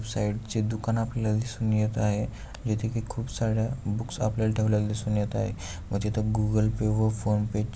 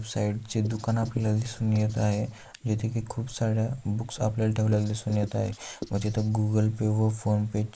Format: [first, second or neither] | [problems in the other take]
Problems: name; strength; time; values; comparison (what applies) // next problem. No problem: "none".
first | noise reduction (neural mask model Resemble Enhance denoiser)